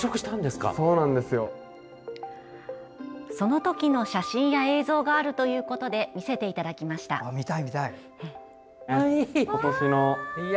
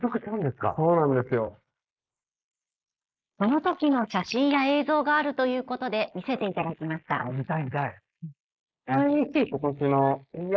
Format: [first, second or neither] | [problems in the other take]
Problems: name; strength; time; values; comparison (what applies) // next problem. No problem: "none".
first | noise reduction (neural mask model Resemble Enhance denoiser)